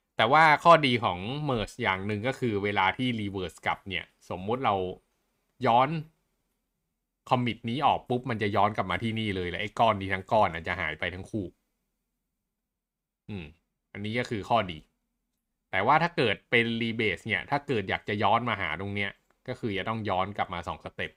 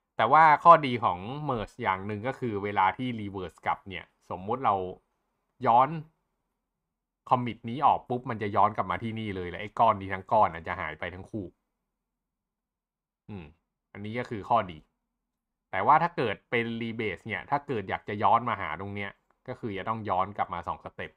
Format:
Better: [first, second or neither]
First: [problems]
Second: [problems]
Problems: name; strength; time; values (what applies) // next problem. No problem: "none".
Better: first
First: none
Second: muffled; slightly; fading above 2 kHz